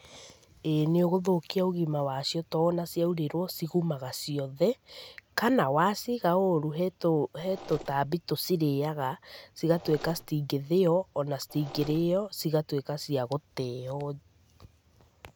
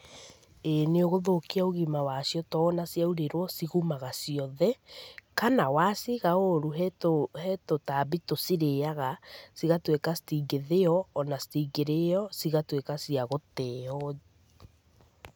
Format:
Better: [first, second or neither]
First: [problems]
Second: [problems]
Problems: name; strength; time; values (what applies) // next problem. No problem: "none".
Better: second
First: background sound (Mechanisms); 18 dB below the speech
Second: none